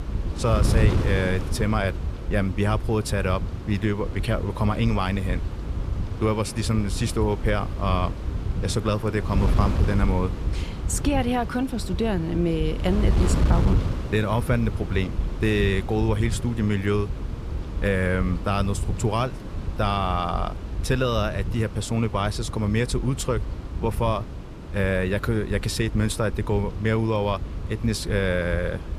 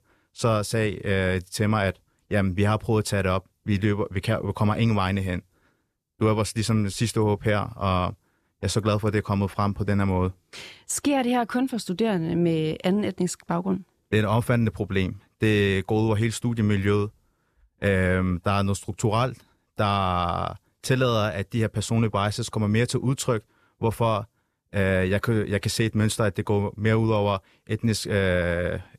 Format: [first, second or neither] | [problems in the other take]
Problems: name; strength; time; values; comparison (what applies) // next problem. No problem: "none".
second | wind noise on the microphone; occasional gusts; 10 dB below the speech